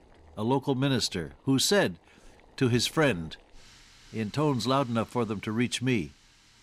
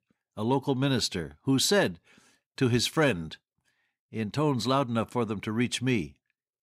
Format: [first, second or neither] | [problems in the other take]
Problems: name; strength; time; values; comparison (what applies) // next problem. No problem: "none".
second | household noises; faint; throughout; 30 dB below the speech